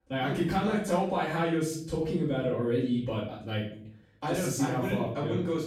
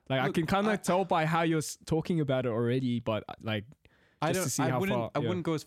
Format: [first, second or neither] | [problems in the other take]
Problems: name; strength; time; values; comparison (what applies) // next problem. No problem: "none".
second | off-mic speech; far // room echo; noticeable; dies away in 0.5 s